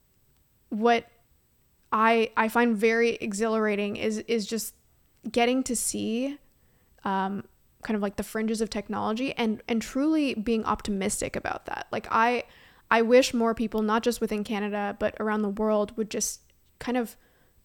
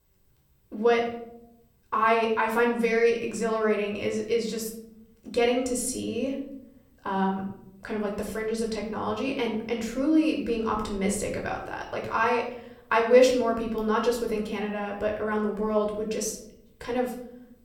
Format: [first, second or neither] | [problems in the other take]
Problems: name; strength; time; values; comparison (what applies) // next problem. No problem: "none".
first | off-mic speech; somewhat distant // room echo; slight; dies away in 0.7 s